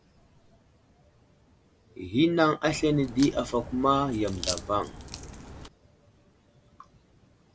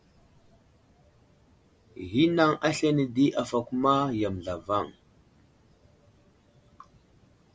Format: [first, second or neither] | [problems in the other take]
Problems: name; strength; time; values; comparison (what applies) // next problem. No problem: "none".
second | background sound (Crack); 10 dB below the speech